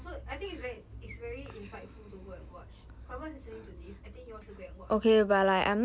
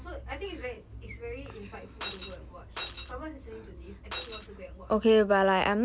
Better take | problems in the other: first | background sound (Shatter); 9 dB below the speech

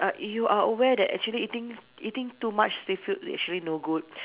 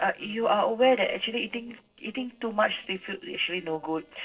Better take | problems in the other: first | noise reduction (neural separator model SepFormer DNS4)

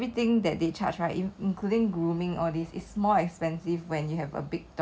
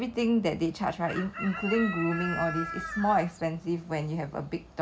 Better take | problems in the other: first | background sound (Chicken, rooster); 7 dB below the speech

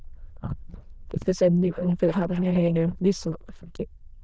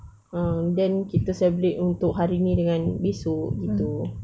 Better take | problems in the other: second | noise reduction (neural diffusion model UNIVERSE++)

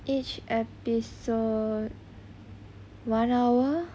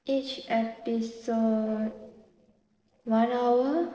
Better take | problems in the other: first | noise reduction (neural separator model SepFormer DNS4)

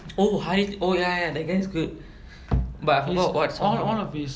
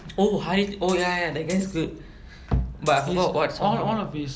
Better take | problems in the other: first | background sound (Coin (dropping)); 19 dB below the speech

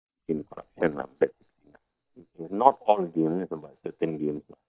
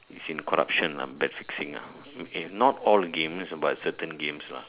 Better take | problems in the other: second | noise reduction (neural mask model DeepFilterNet 3)

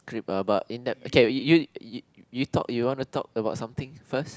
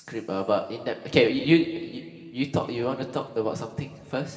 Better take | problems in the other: first | room echo; dies away in 2 s

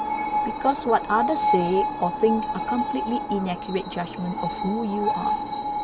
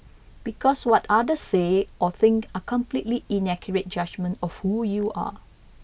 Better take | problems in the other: second | background sound (Screech); 1 dB below the speech

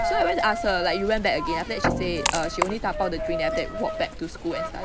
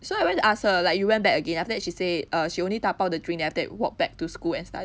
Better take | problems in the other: second | background sound (Guitar + Coin (dropping)); 1 dB below the speech

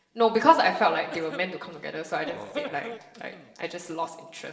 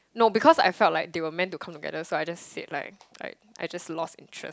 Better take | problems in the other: second | noise reduction (neural separator model SepFormer DNS4)

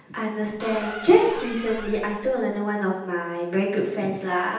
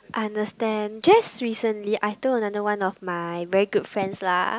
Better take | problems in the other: second | background sound (Squeak); 13 dB below the speech // room echo; dies away in 0.9 s

